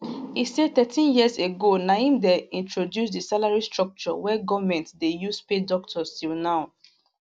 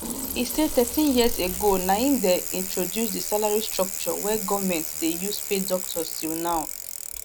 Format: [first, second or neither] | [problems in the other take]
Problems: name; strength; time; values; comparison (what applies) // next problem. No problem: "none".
first | background sound (Bicycle); 5 dB below the speech